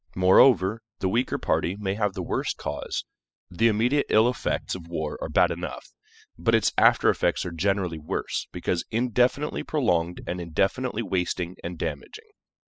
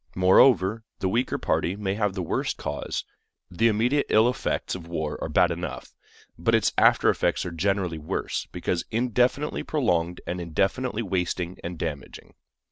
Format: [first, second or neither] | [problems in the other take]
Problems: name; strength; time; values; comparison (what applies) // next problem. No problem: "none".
second | noise reduction (classical method spectral subtraction)